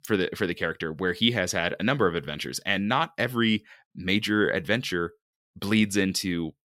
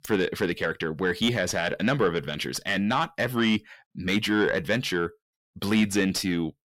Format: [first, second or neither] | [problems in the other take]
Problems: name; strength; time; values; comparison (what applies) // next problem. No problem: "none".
first | distortion; slight; 10 dB below the speech